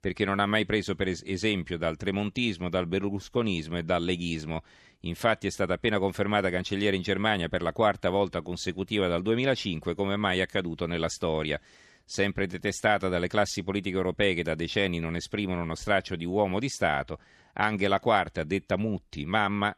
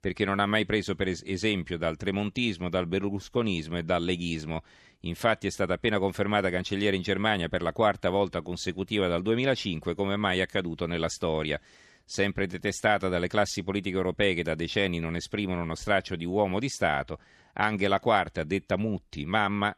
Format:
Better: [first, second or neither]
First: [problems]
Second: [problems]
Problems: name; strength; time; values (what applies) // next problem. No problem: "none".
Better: neither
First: none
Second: none